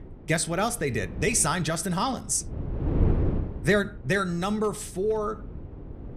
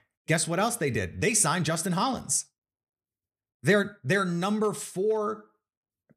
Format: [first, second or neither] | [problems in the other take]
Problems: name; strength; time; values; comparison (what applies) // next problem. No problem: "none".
second | wind noise on the microphone; occasional gusts; 15 dB below the speech